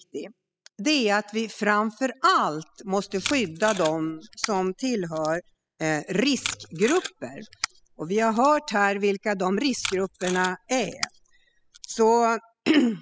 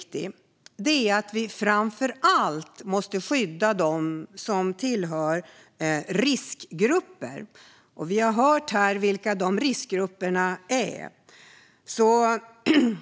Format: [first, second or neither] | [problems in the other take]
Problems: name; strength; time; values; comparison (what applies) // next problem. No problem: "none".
second | noise reduction (classical method spectral subtraction)